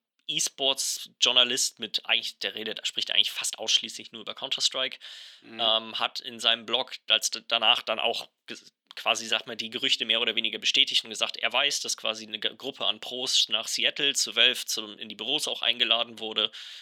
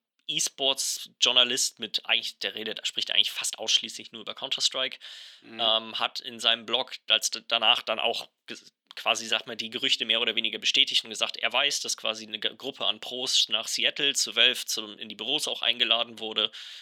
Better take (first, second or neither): neither